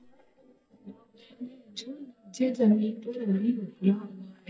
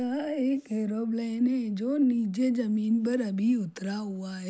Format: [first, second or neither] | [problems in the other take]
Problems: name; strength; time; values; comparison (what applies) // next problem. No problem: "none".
second | noise reduction (neural mask model DeepFilterNet 3)